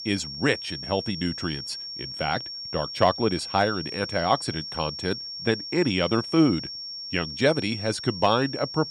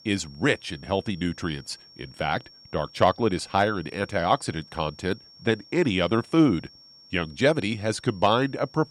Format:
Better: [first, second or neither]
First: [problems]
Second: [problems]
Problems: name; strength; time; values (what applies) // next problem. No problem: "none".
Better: second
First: high-pitched whine; loud; throughout; 5.5 kHz, 7 dB below the speech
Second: high-pitched whine; faint; throughout; 5.5 kHz, 25 dB below the speech